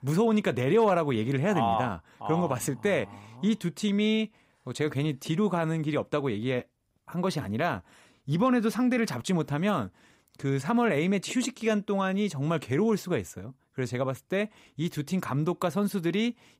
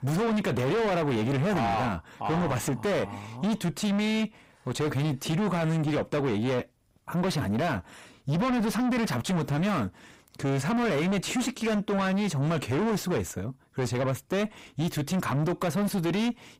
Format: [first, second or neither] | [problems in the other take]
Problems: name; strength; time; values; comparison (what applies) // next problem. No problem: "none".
first | distortion; heavy; 6 dB below the speech